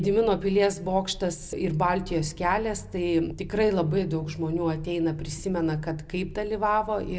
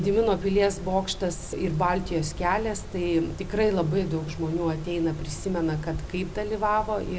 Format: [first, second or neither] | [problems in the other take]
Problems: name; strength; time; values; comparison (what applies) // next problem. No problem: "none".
first | background sound (Mechanisms); 12 dB below the speech